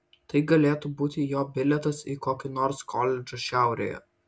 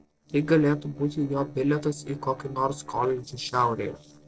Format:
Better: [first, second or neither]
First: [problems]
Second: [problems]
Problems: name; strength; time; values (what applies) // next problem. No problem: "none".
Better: first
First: none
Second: noise reduction (neural separator model SepFormer DNS4)